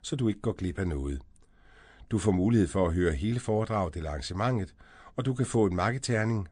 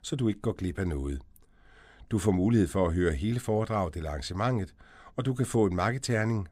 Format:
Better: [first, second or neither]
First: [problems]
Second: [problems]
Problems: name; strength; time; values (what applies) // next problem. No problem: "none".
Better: second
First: garbled, watery; slightly; nothing above 9.5 kHz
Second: none